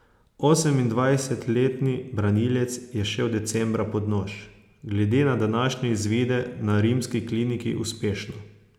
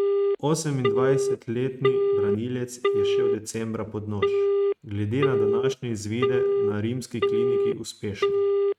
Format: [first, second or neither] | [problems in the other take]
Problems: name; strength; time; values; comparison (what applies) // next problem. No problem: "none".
first | noise reduction (neural mask model RNNoise)